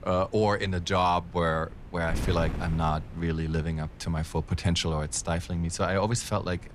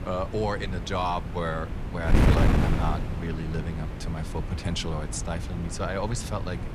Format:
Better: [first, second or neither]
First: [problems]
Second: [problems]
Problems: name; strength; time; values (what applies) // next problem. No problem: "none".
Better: first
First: wind noise on the microphone; occasional gusts; 20 dB below the speech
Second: wind noise on the microphone; heavy; 4 dB below the speech